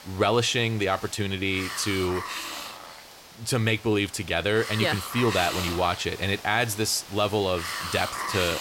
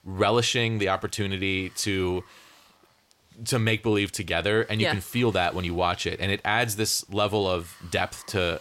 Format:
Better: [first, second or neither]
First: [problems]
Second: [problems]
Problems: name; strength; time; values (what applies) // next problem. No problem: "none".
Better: second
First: hiss; loud; throughout; 8 dB below the speech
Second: hiss; faint; throughout; 30 dB below the speech